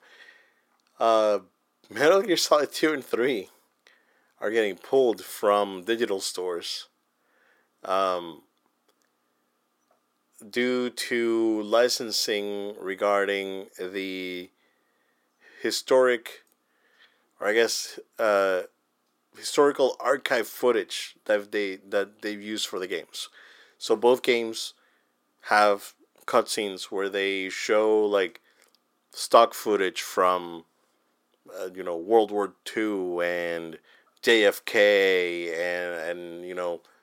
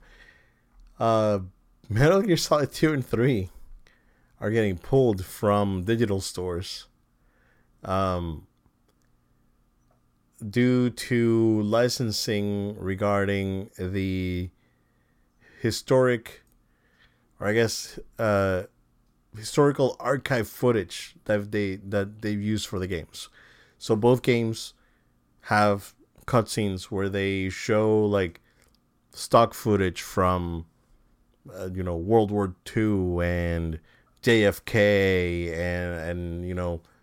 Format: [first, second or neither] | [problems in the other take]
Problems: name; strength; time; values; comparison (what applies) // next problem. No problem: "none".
second | thin; somewhat; fading below 350 Hz